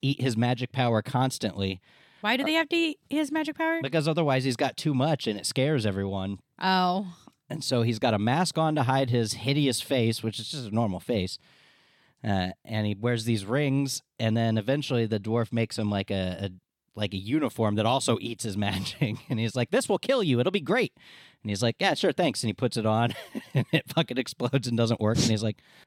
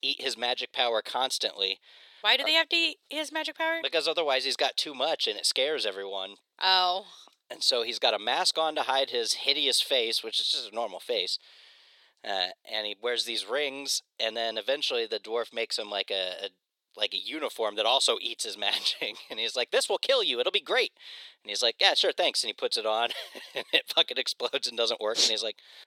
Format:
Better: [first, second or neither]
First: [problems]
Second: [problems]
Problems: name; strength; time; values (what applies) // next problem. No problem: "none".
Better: first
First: none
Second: thin; very; fading below 450 Hz